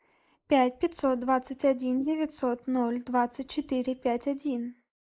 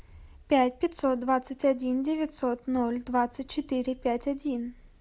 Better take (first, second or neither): second